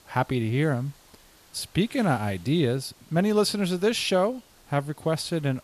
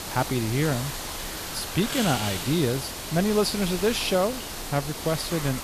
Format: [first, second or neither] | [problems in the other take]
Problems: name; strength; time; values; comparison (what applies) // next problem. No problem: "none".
first | hiss; loud; throughout; 5 dB below the speech; faint in the first